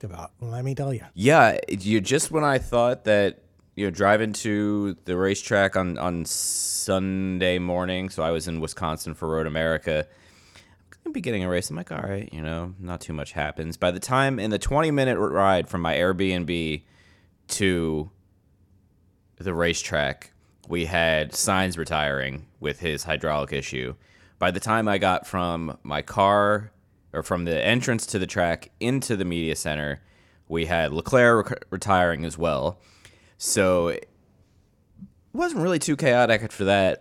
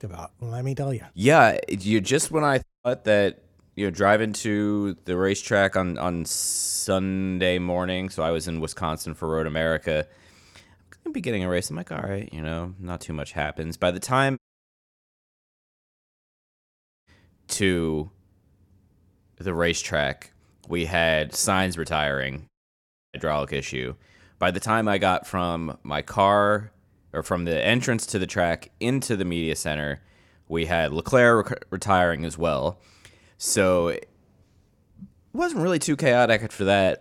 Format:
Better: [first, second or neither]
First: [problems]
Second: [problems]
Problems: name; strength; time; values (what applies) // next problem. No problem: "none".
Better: first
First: none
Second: audio cutting out; at 2.5 s, at 14 s for 2.5 s and at 23 s for 0.5 s